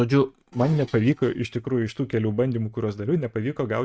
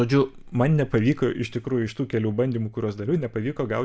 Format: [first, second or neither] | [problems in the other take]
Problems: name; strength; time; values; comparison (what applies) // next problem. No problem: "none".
second | noise reduction (neural mask model RNNoise)